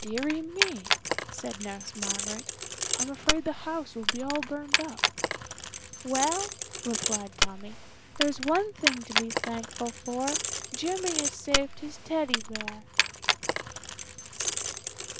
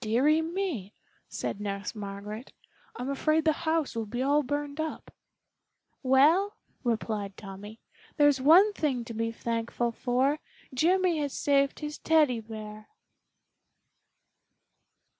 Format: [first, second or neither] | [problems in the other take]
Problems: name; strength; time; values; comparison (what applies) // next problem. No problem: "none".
second | background sound (Keys jangling); 3 dB above the speech